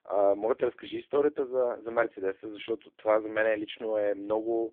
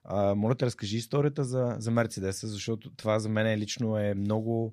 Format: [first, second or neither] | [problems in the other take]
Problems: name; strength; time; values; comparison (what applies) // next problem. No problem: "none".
second | phone-call audio; poor line; nothing above 3.5 kHz